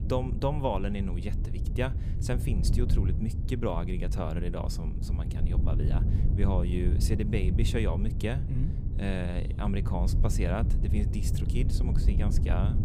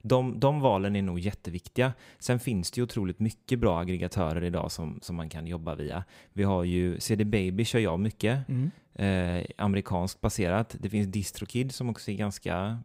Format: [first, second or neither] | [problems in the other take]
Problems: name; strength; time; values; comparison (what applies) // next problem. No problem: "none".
second | wind noise on the microphone; heavy; 7 dB below the speech